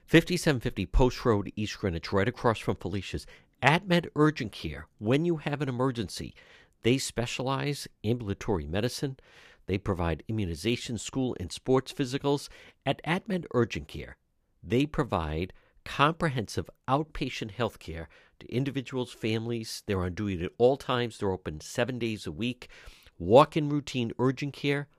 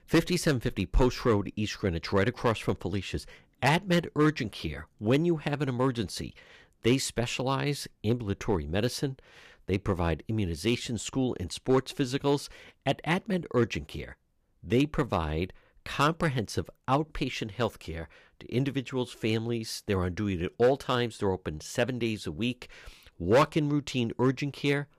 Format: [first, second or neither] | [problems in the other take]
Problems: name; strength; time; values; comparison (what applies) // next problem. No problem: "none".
first | distortion; slight; 1.5% of the sound clipped